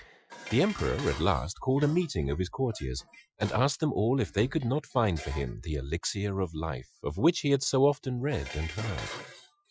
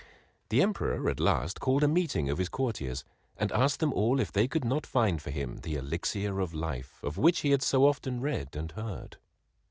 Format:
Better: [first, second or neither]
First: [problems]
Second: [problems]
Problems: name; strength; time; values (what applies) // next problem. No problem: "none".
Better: second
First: noise reduction (classical method Wiener filter)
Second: none